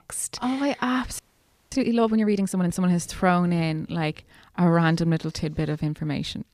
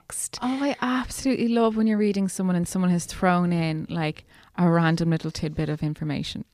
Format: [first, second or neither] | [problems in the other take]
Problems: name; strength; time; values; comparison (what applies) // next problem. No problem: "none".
second | audio freezing; at 1 s for 0.5 s